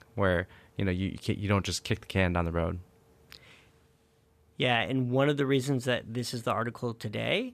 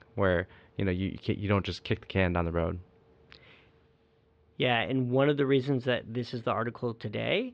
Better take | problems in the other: first | muffled; slightly; fading above 4 kHz

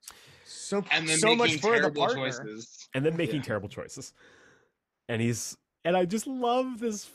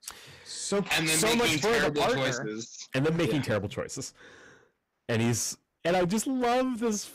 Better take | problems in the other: first | distortion; heavy; 16% of the sound clipped

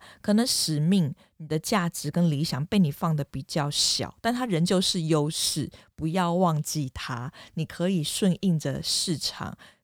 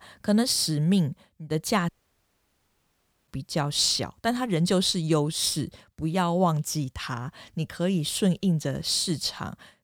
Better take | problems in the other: first | audio cutting out; at 2 s for 1.5 s

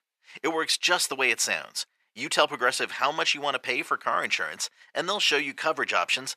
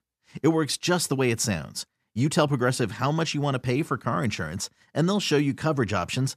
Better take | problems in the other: second | thin; very; fading below 650 Hz

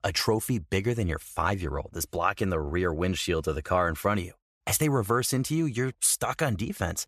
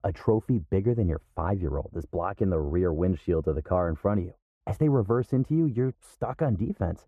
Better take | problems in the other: first | muffled; very; fading above 2 kHz

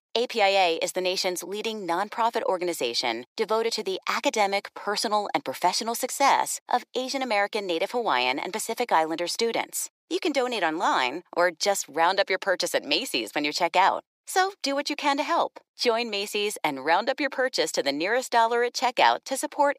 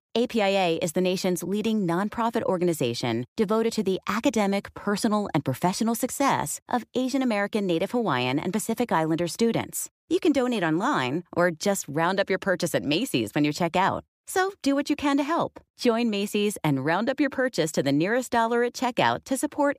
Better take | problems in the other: second | thin; somewhat; fading below 500 Hz

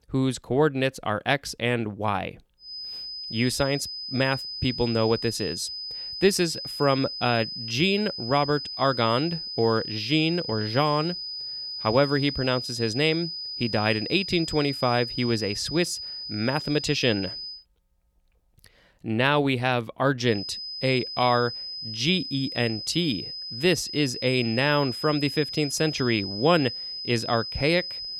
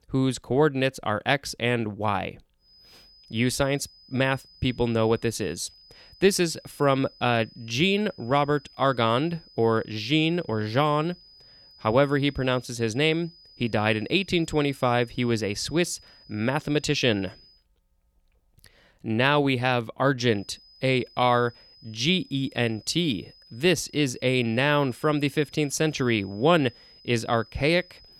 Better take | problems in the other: second | high-pitched whine; loud; from 2.5 to 18 s and from 20 s on; 5 kHz, 7 dB below the speech; faint in the second

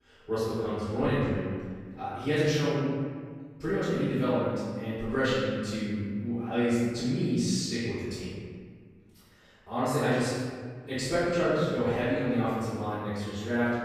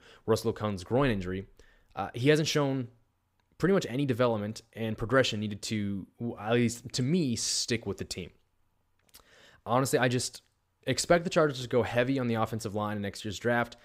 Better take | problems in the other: second | room echo; strong; dies away in 1.7 s // off-mic speech; far

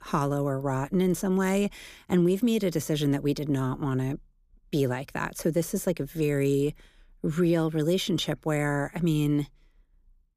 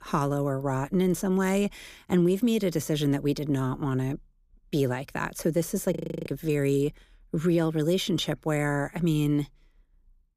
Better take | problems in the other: first | audio freezing; at 6 s

